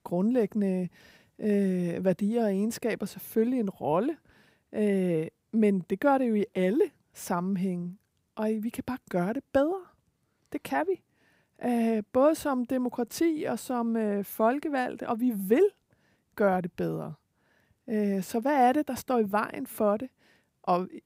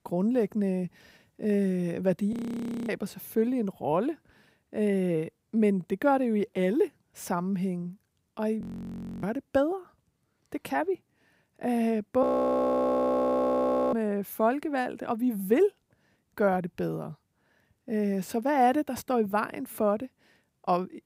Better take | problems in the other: first | audio freezing; at 2.5 s for 0.5 s, at 8.5 s for 0.5 s and at 12 s for 1.5 s

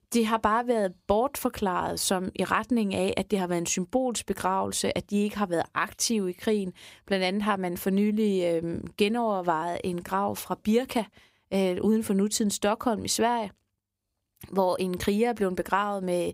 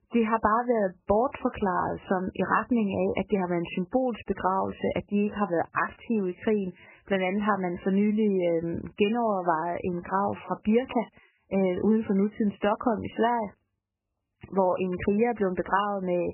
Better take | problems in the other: first | garbled, watery; badly; nothing above 3 kHz

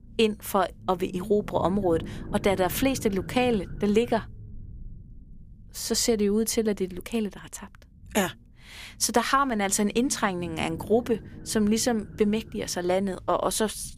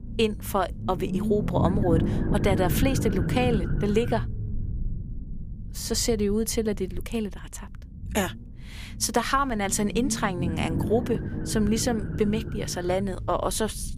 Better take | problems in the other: first | low rumble; loud; throughout; 9 dB below the speech; faint in the first

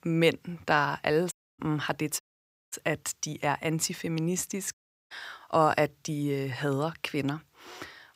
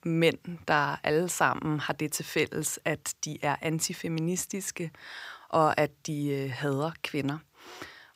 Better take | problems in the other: second | audio cutting out; at 1.5 s, at 2 s for 0.5 s and at 4.5 s

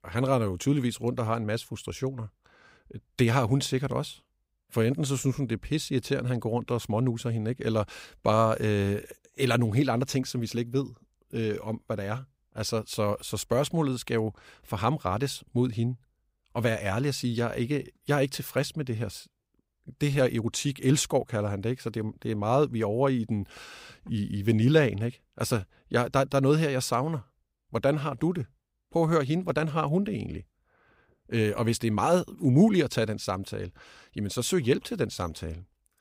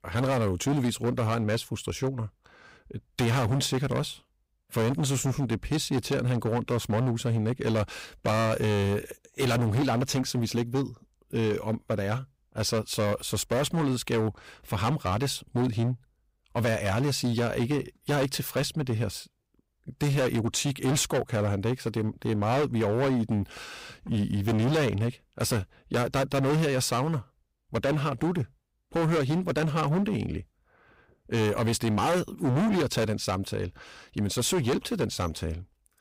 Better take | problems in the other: first | distortion; heavy; 16% of the sound clipped

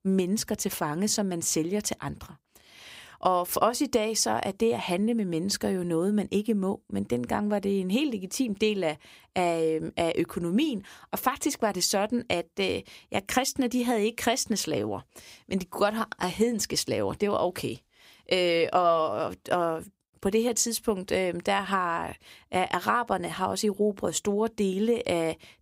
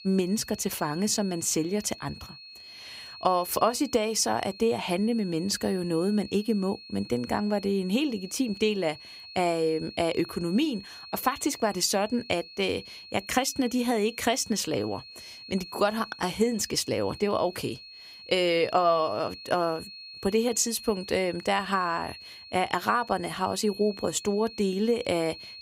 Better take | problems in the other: first | high-pitched whine; noticeable; throughout; 4.5 kHz, 15 dB below the speech

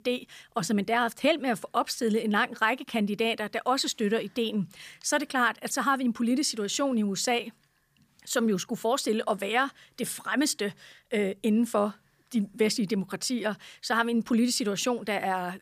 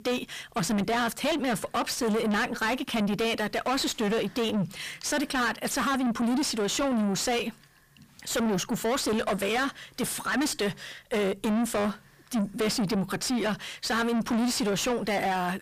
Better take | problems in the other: first | distortion; heavy; 5 dB below the speech

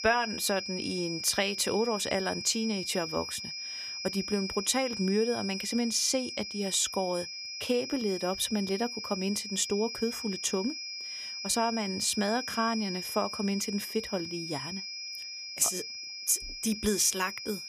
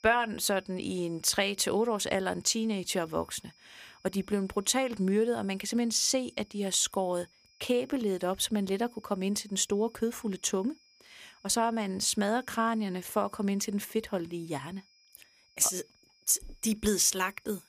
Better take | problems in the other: second | high-pitched whine; loud; throughout; 5 kHz, 6 dB below the speech; faint in the second

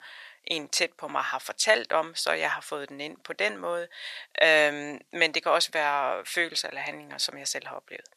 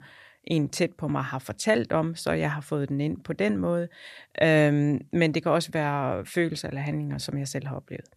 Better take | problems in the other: second | thin; very; fading below 750 Hz

